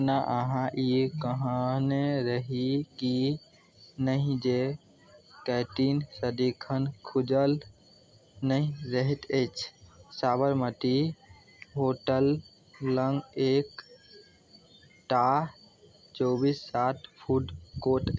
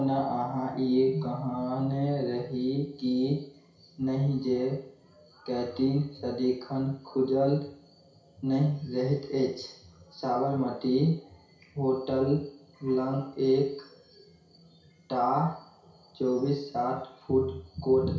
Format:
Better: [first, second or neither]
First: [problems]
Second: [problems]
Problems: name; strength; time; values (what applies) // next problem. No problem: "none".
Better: first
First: none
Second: room echo; dies away in 0.6 s